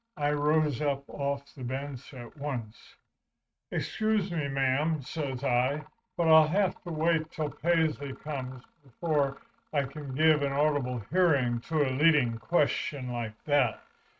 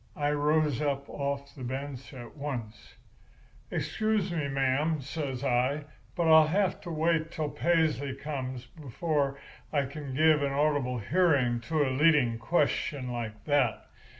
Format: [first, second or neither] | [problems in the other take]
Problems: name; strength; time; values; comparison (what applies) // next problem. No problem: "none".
second | noise reduction (neural mask model RNNoise)